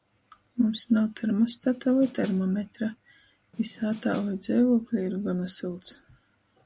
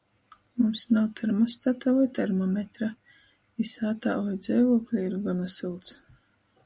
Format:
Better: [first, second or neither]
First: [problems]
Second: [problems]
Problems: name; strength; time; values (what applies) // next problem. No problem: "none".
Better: second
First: background sound (Snare drum); 18 dB below the speech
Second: none